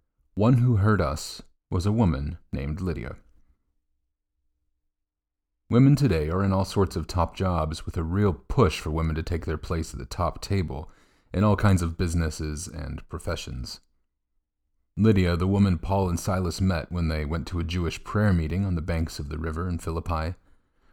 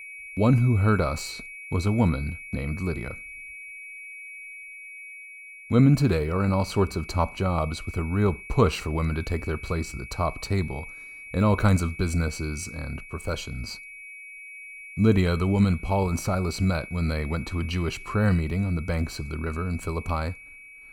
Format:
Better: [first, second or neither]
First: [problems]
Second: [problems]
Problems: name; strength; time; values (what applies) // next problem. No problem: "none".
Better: first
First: none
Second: high-pitched whine; noticeable; throughout; 2.5 kHz, 15 dB below the speech